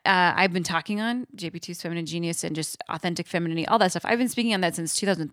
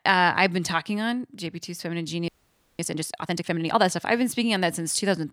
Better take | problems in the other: first | audio freezing; at 2.5 s for 0.5 s

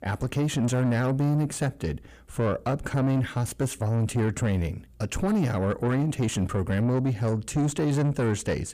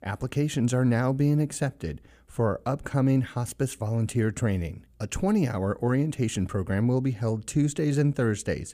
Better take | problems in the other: second | distortion; slight; 10 dB below the speech

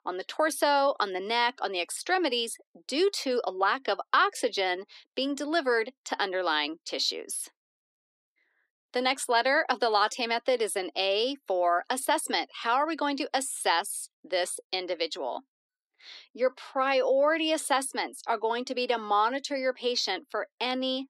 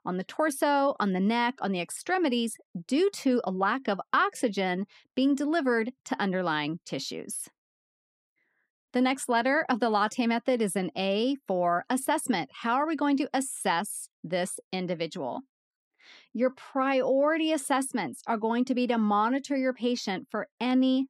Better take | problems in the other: second | thin; somewhat; fading below 350 Hz

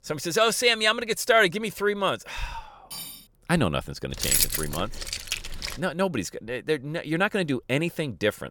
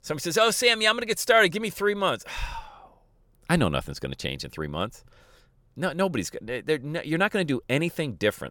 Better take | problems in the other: second | clattering dishes; faint; at 3 s; peak 10 dB below the speech // jangling keys; loud; from 4 to 6 s; peak 4 dB above the speech

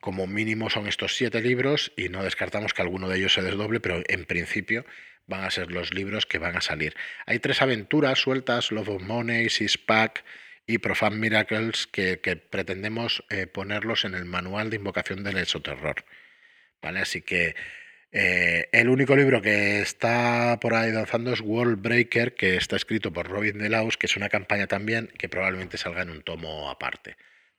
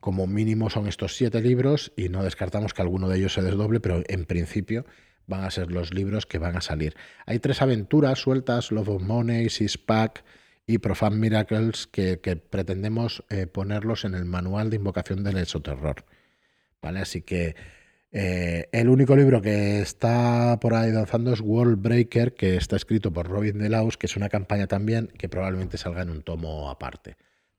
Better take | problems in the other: second | thin; somewhat; fading below 700 Hz

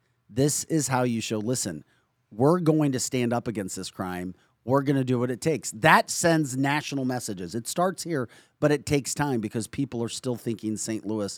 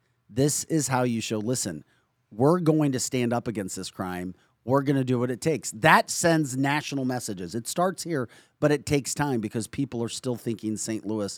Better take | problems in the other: neither | none

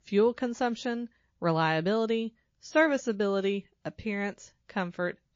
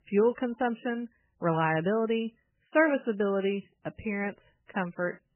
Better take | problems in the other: first | garbled, watery; badly; nothing above 3 kHz; slightly in the first

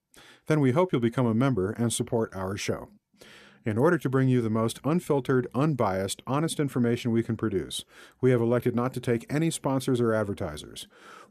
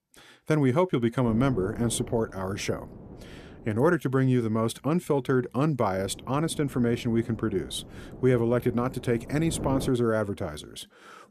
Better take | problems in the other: first | wind noise on the microphone; occasional gusts; from 1.5 to 4 s and from 6 to 10 s; 15 dB below the speech

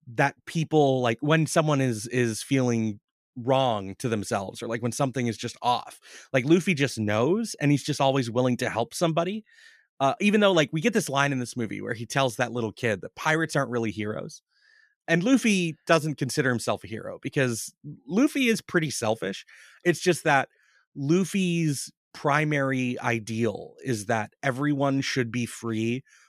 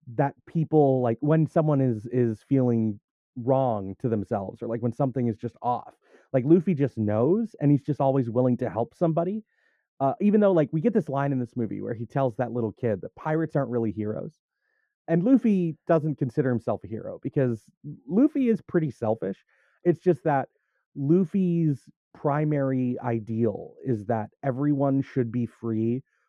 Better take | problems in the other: first | muffled; very; fading above 1.5 kHz

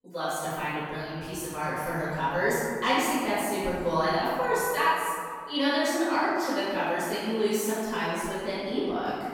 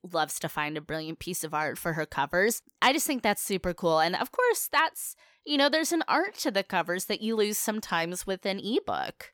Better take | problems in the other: second | room echo; strong; dies away in 2.3 s // off-mic speech; far

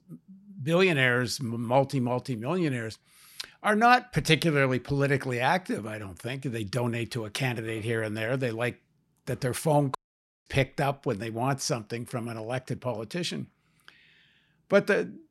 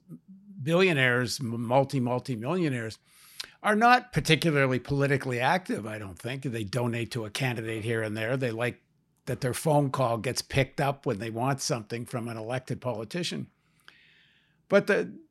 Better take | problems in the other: second | audio cutting out; at 10 s for 0.5 s

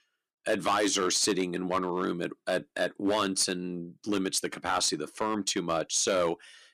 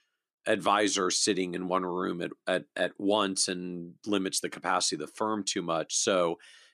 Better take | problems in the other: second | distortion; slight; 4% of the sound clipped

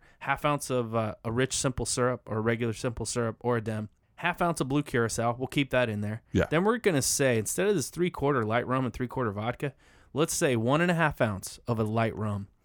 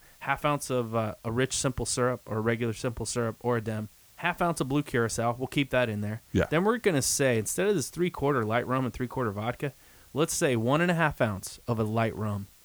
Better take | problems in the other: first | hiss; faint; throughout; 25 dB below the speech

